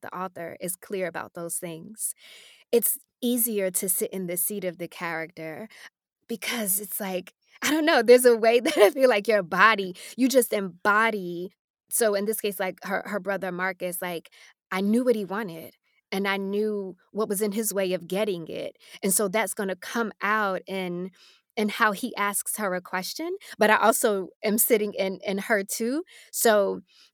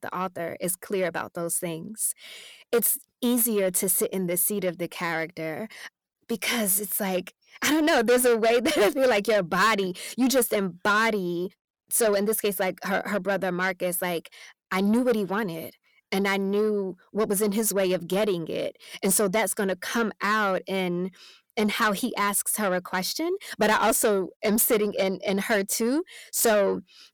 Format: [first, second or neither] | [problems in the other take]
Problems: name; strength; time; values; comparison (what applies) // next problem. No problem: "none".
first | distortion; heavy; 8 dB below the speech